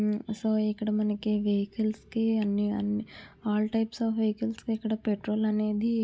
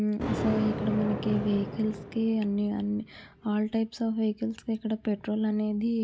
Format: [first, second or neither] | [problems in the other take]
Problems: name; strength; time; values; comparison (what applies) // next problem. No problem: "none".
first | background sound (Thunder); 9 dB below the speech